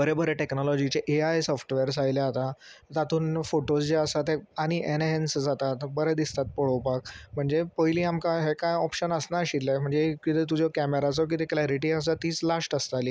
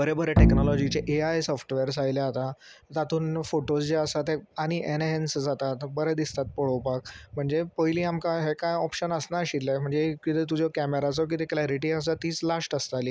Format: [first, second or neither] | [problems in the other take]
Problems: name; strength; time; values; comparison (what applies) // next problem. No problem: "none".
first | background sound (Bowed string instrument); 3 dB above the speech